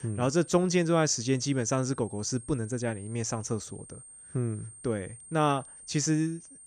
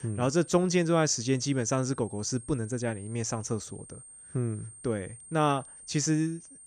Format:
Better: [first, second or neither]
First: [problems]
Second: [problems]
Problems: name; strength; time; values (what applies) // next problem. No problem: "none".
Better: neither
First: high-pitched whine; noticeable; throughout; 8.5 kHz, 20 dB below the speech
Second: high-pitched whine; noticeable; throughout; 8.5 kHz, 20 dB below the speech